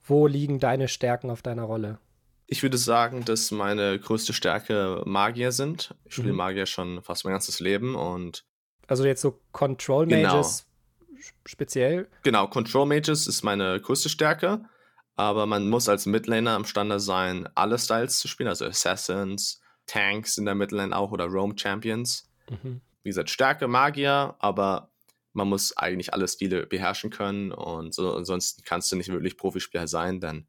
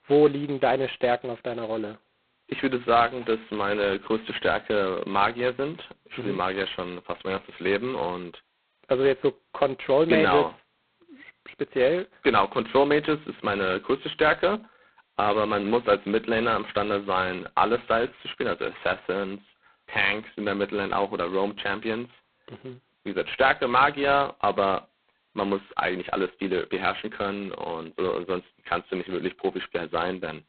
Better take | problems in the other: first | phone-call audio; poor line; nothing above 4 kHz

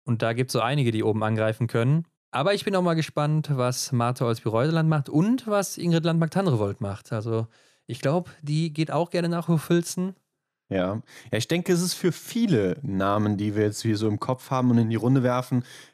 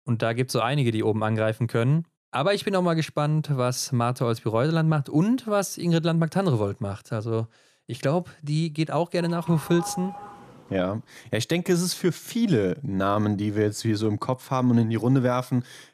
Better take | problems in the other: first | doorbell; faint; from 9 to 11 s; peak 10 dB below the speech

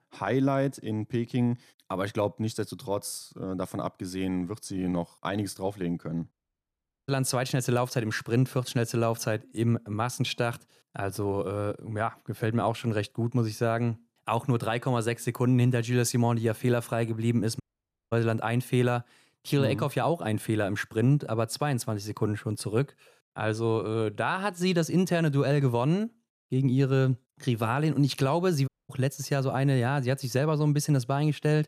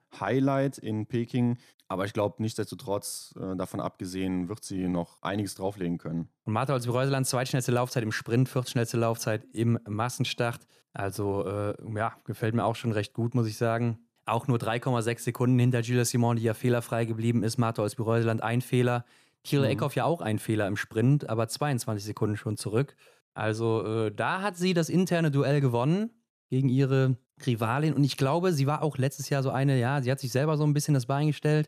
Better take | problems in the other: second | audio cutting out; at 6.5 s for 1 s, at 18 s for 0.5 s and at 29 s

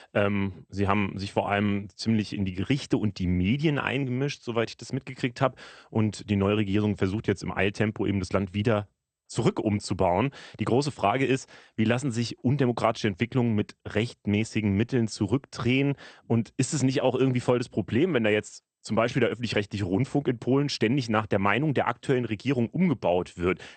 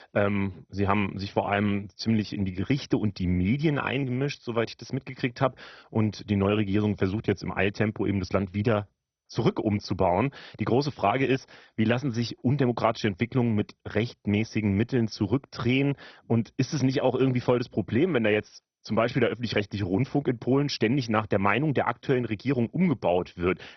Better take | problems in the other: first | garbled, watery; badly; nothing above 6 kHz; slightly in the first

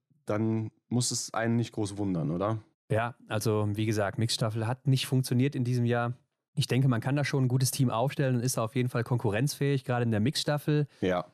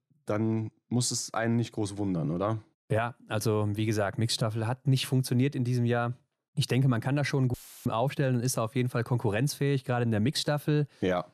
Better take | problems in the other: first | audio cutting out; filled with static; at 7.5 s

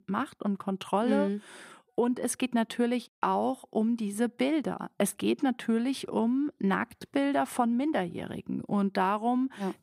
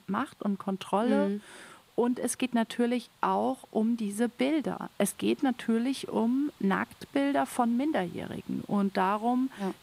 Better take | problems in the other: first | hiss; faint; throughout; 30 dB below the speech

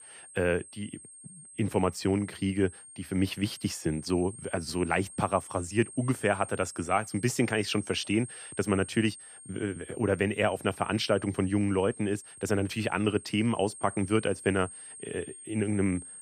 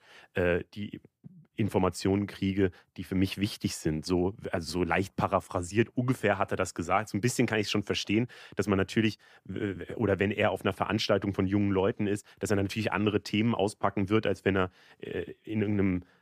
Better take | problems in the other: second | high-pitched whine; noticeable; throughout; 8.5 kHz, 15 dB below the speech

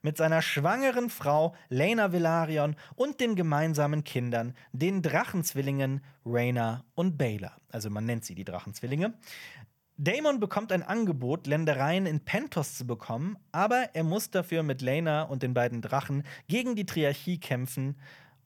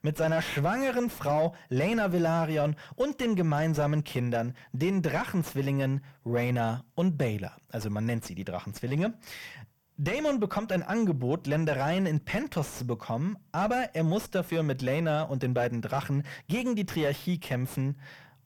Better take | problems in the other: first | distortion; slight; 10 dB below the speech

